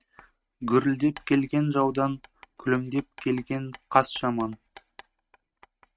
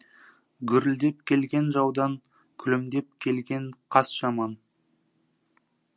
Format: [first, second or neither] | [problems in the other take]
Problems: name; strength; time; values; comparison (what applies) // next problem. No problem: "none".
second | noise reduction (neural mask model RNNoise)